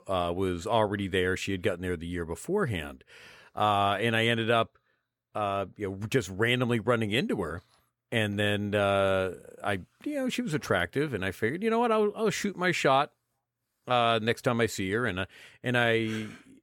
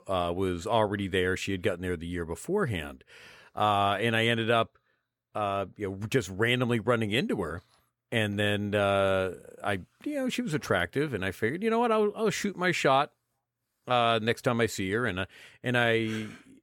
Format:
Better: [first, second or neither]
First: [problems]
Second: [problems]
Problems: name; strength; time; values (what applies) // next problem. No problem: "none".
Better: neither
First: none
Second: none